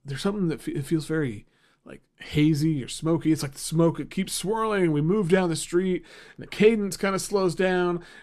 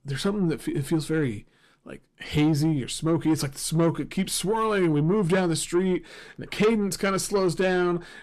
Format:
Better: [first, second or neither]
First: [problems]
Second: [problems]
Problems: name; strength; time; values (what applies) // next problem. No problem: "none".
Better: first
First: none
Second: distortion; slight; 10 dB below the speech